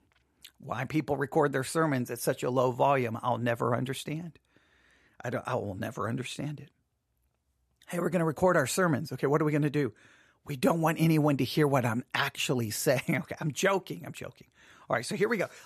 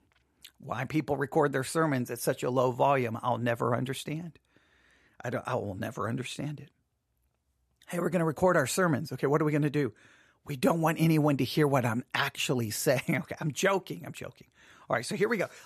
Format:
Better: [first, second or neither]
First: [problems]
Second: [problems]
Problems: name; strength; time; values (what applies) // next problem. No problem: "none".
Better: neither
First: none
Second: none